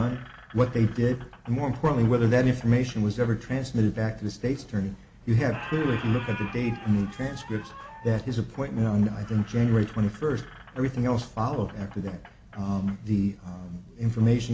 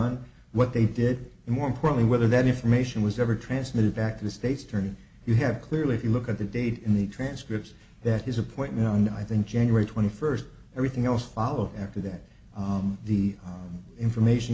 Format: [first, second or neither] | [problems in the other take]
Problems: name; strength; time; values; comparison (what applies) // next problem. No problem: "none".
second | background sound (Squeak); 20 dB below the speech